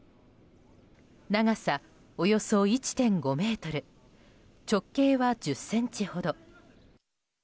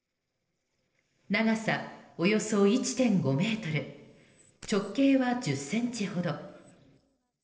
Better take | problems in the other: first | noise reduction (neural separator model SepFormer DNS4)

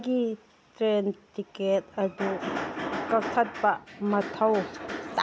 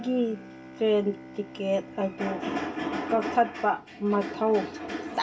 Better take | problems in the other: first | background sound (Bowed string instrument); 20 dB below the speech // room echo; dies away in 0.2 s

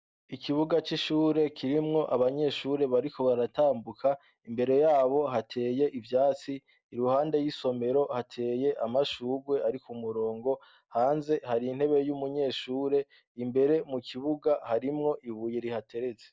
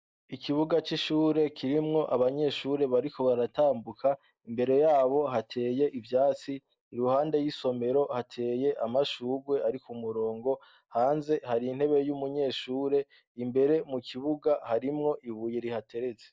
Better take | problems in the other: first | noise reduction (neural mask model Resemble Enhance denoiser)

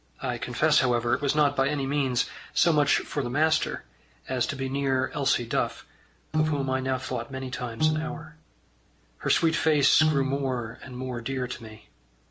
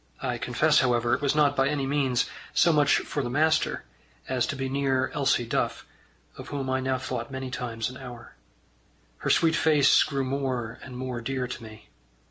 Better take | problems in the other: second | background sound (Piano); 1 dB below the speech

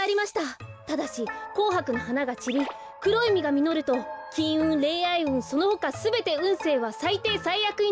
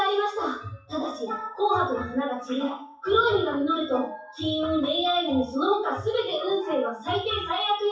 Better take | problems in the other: first | noise reduction (classical method WPE with log-MMSE)

